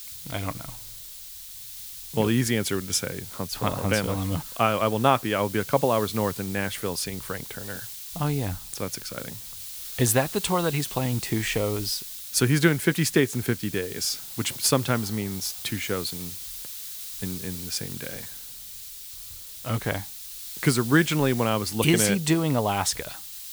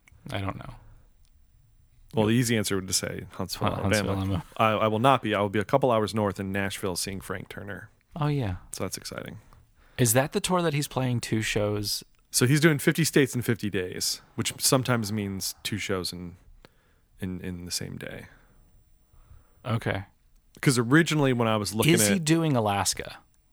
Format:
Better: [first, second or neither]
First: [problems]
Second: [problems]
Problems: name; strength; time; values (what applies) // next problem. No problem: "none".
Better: second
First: hiss; noticeable; throughout; 10 dB below the speech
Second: none